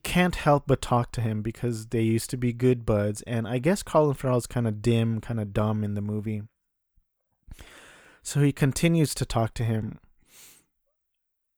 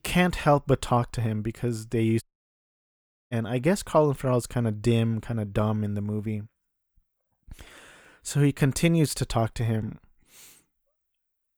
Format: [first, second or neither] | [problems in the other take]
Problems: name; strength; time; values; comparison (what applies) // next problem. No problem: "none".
first | audio cutting out; at 2 s for 1 s